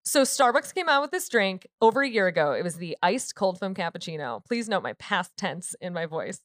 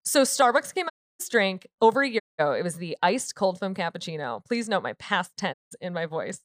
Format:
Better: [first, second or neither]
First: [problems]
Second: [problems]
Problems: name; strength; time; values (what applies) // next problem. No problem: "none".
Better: first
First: none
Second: audio cutting out; at 1 s, at 2 s and at 5.5 s